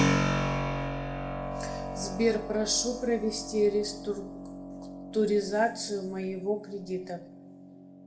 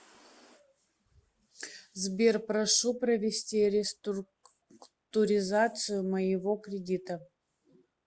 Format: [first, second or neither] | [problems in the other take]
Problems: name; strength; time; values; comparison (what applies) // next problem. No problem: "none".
second | background sound (Keyboard (musical)); 3 dB below the speech // room echo; dies away in 0.5 s